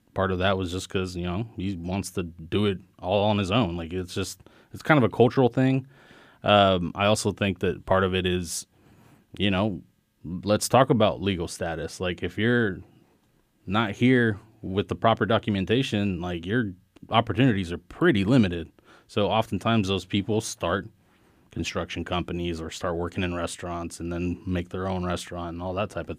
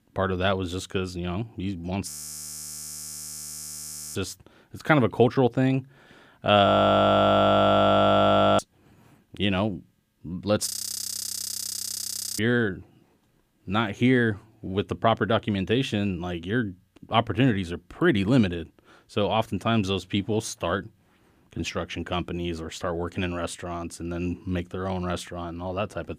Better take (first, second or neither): first